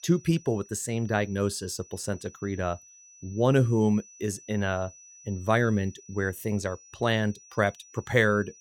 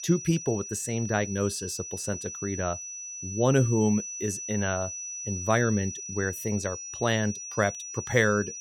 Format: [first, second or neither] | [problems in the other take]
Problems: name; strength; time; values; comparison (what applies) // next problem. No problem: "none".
first | high-pitched whine; loud; throughout; 6 kHz, 7 dB below the speech; faint in the first